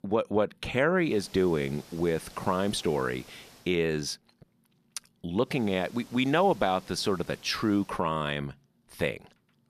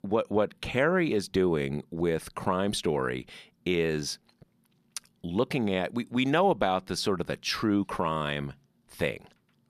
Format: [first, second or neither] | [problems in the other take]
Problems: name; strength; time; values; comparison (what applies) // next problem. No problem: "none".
second | hiss; faint; from 1 to 3.5 s and from 5.5 to 8 s; 25 dB below the speech